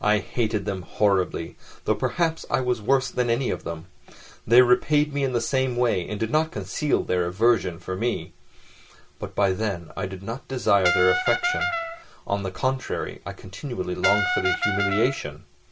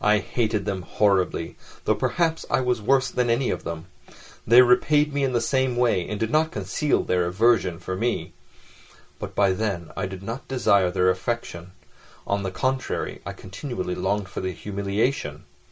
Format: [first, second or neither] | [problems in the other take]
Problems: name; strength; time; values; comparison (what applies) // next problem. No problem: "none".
second | background sound (Brass instrument); as loud as the speech